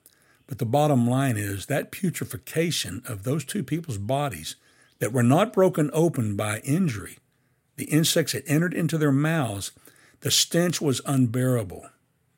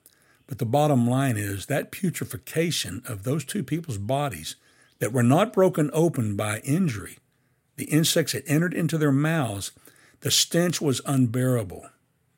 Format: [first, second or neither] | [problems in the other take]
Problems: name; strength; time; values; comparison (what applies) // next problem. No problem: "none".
neither | none